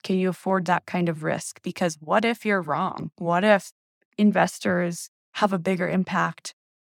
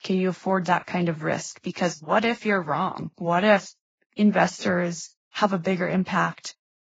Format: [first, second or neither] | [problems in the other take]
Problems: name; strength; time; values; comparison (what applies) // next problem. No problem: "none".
first | garbled, watery; badly; nothing above 7.5 kHz